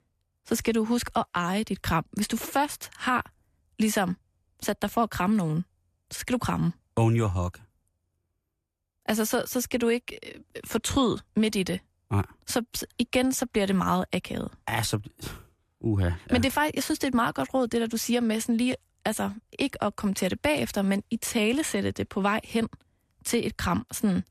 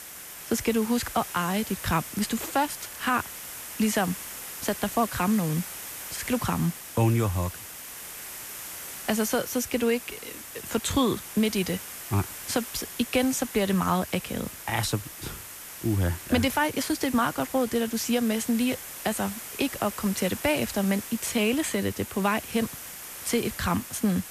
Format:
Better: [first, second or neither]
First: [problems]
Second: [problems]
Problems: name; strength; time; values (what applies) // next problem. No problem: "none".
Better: first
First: none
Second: hiss; loud; throughout; 10 dB below the speech